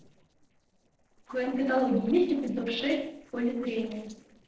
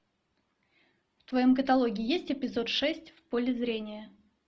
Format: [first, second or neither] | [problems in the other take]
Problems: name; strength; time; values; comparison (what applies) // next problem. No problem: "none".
second | noise reduction (neural separator model SepFormer DNS4)